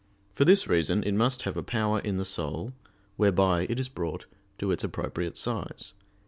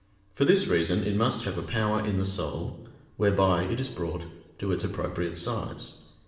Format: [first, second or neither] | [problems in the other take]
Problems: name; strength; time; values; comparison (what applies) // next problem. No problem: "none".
first | room echo; dies away in 0.8 s